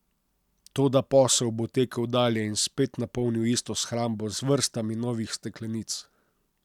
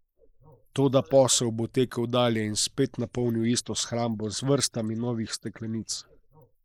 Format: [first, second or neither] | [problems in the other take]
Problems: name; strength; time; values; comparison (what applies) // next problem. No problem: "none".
first | noise reduction (neural mask model Resemble Enhance denoiser)